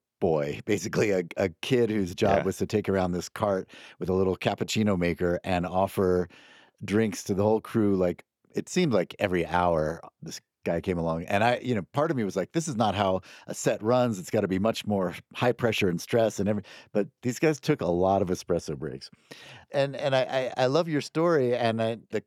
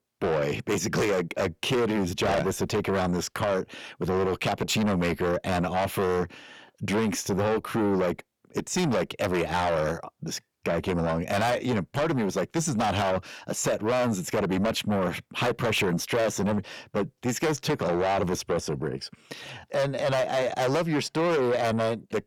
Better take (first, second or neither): first